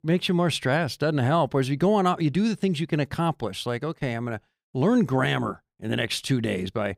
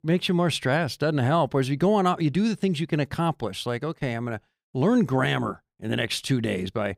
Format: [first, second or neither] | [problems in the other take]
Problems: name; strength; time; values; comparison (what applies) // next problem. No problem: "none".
neither | none